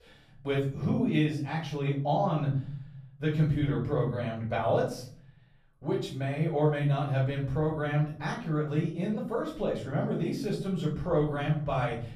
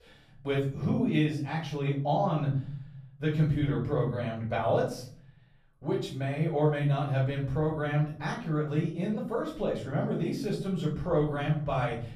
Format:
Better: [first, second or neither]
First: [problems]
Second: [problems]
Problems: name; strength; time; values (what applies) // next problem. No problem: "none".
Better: neither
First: off-mic speech; far // room echo; noticeable; dies away in 0.8 s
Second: off-mic speech; far // room echo; noticeable; dies away in 0.8 s